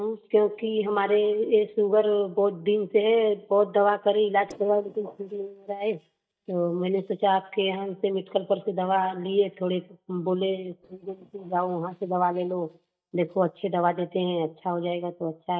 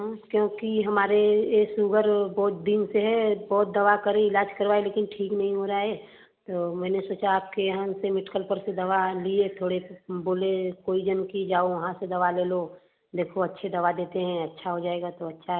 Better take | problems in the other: second | noise reduction (neural mask model DeepFilterNet 3)

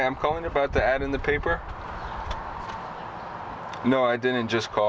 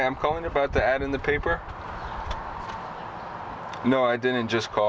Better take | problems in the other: second | background sound (Boom); 18 dB below the speech

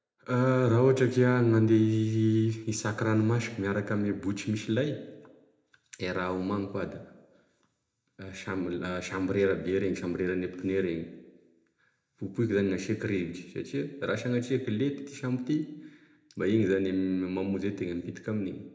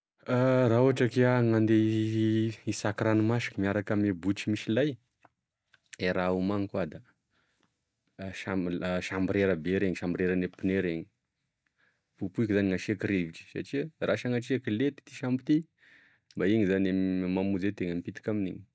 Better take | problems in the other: second | room echo; dies away in 0.6 s

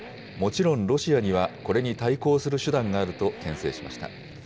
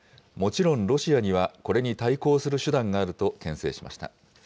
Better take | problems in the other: second | background sound (Accelerating, revving, vroom); 16 dB below the speech

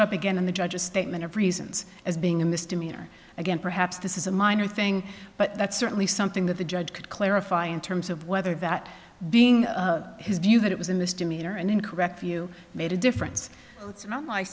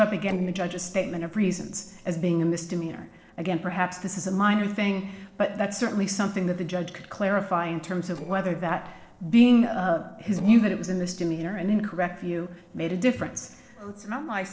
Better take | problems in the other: first | noise reduction (neural separator model SepFormer DNS4)

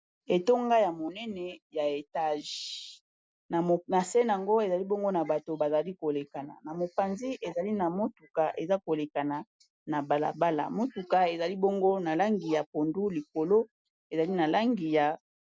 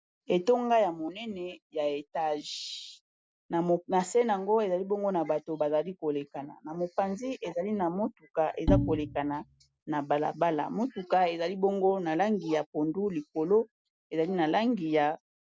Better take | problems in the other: first | background sound (Bowed string instrument); 1 dB below the speech

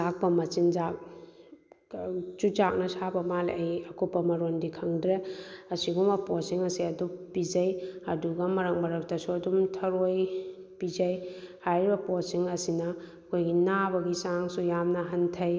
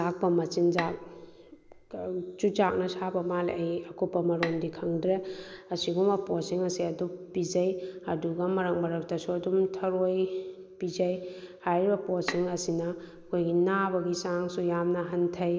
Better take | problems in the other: first | background sound (Bowed string instrument); 13 dB below the speech

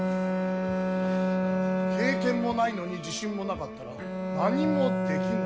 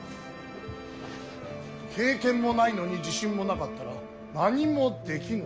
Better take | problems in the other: second | background sound (Bowed string instrument); 3 dB above the speech

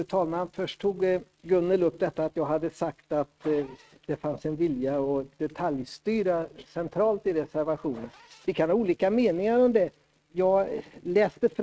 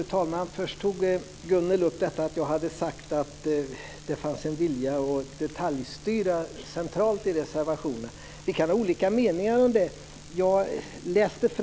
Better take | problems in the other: second | noise reduction (neural mask model RNNoise)

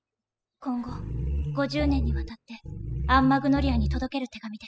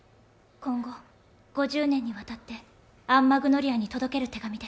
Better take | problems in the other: second | noise reduction (classical method spectral subtraction)

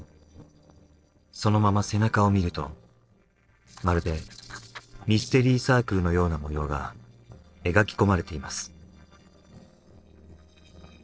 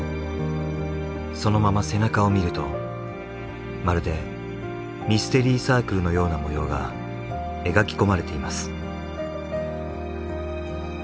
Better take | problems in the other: second | noise reduction (neural separator model SepFormer DNS4)

